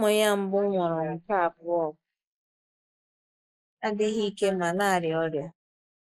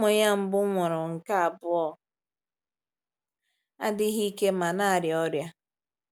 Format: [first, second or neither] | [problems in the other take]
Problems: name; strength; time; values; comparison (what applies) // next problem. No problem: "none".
second | noise reduction (neural mask model Resemble Enhance denoiser)